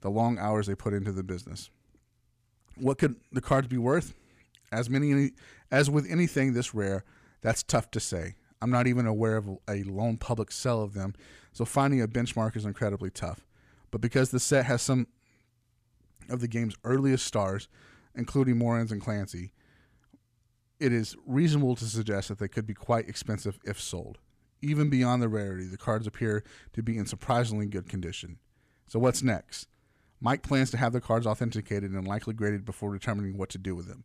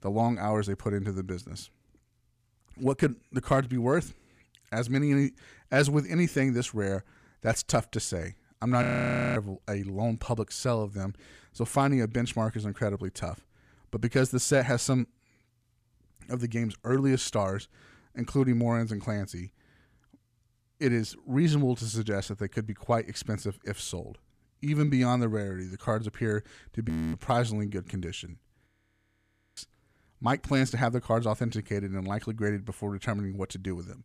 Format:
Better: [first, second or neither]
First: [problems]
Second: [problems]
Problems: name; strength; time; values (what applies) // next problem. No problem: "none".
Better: first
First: none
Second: audio freezing; at 9 s for 0.5 s, at 27 s and at 29 s for 1 s